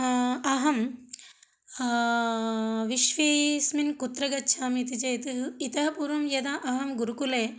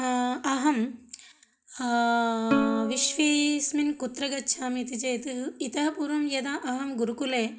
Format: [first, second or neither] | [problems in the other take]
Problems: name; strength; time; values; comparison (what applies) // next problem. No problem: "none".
first | background sound (Plucked string instrument); 6 dB below the speech // room echo; dies away in 0.3 s